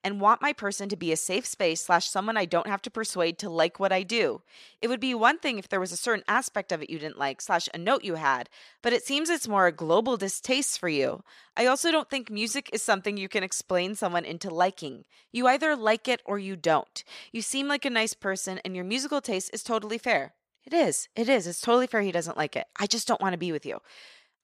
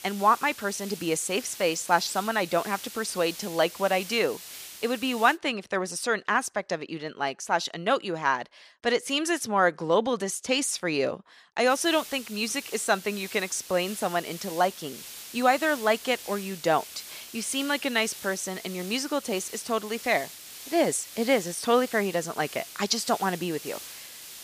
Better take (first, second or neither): first